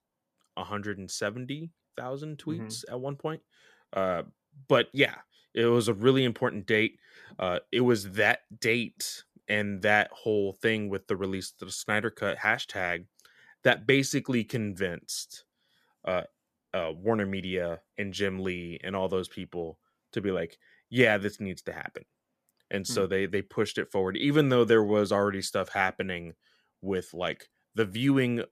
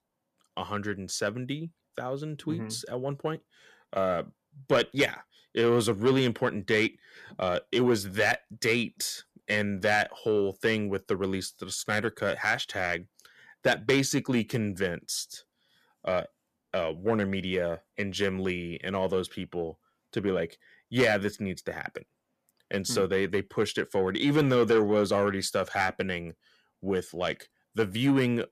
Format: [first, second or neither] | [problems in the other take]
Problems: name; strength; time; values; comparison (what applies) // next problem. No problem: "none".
first | distortion; slight; 10 dB below the speech